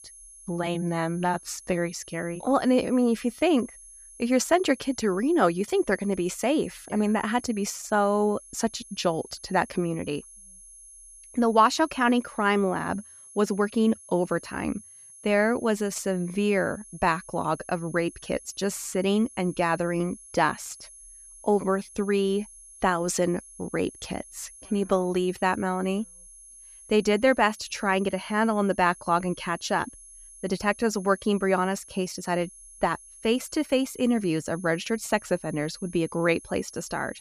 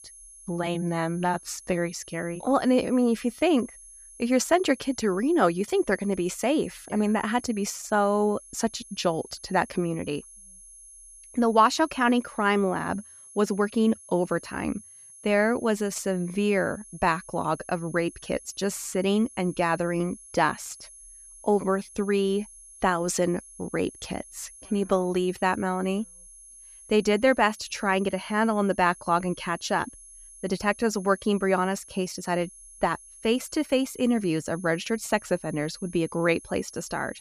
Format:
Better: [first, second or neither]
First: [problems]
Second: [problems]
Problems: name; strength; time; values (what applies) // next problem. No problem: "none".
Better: neither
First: high-pitched whine; noticeable; throughout; 10.5 kHz, 20 dB below the speech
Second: high-pitched whine; noticeable; throughout; 10.5 kHz, 20 dB below the speech